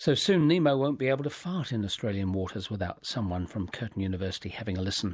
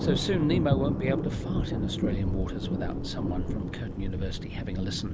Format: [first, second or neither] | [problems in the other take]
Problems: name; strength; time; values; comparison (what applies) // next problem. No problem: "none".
first | background sound (Thunder); 2 dB above the speech